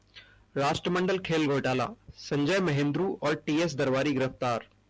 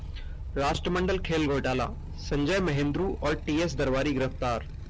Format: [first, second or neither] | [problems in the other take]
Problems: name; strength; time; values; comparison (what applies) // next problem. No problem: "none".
first | background sound (Motorcycle); 7 dB below the speech